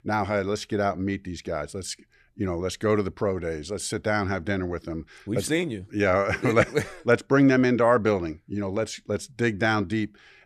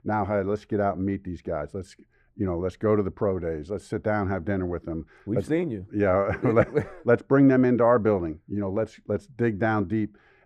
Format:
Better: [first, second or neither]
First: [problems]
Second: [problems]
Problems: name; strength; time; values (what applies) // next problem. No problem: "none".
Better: first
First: none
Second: muffled; very; fading above 2 kHz